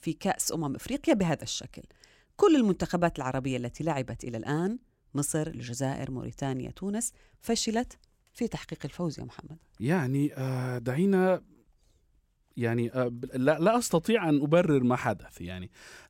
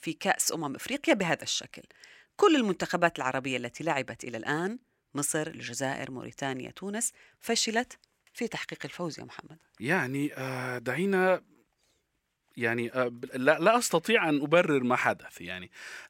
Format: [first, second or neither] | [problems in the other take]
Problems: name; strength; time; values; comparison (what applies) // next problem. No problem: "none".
first | thin; very slightly; fading below 400 Hz